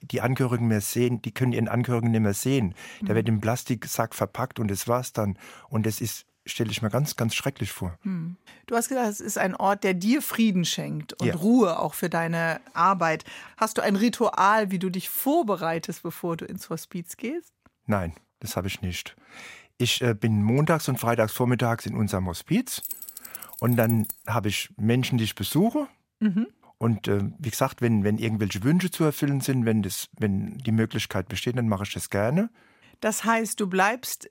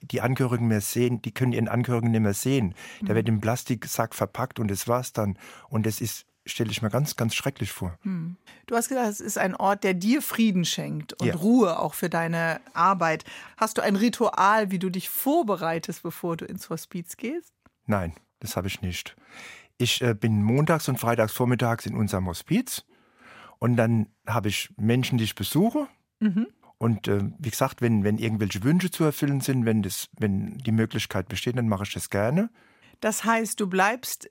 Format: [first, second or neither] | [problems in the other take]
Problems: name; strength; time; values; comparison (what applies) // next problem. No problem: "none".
second | jangling keys; noticeable; from 23 to 24 s; peak 8 dB below the speech